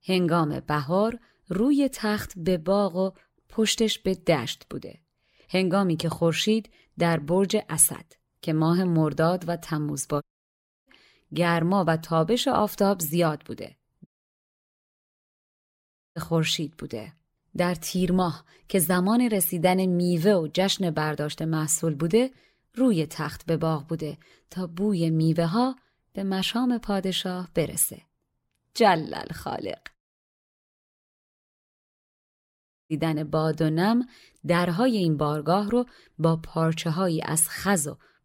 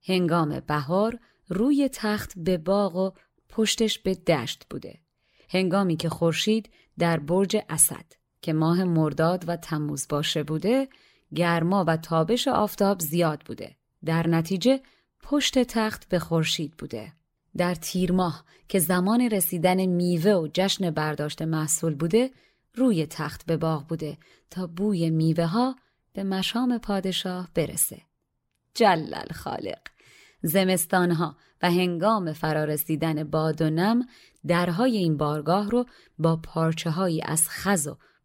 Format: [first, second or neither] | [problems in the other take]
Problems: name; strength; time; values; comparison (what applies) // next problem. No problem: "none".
second | audio cutting out; at 10 s for 0.5 s, at 14 s for 2 s and at 30 s for 3 s